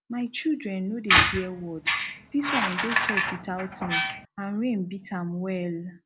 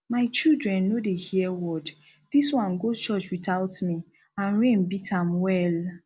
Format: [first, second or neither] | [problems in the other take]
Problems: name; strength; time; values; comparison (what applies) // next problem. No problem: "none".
second | background sound (Squeak); 5 dB above the speech